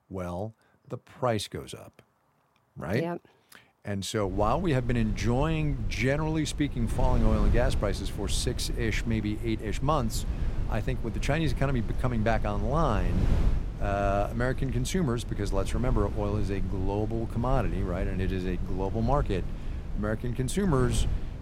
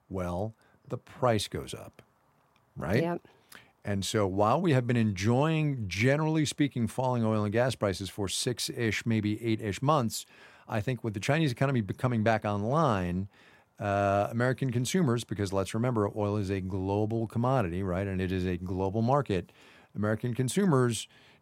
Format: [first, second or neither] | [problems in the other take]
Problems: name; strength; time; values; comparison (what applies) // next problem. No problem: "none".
second | wind noise on the microphone; occasional gusts; from 4.5 s on; 15 dB below the speech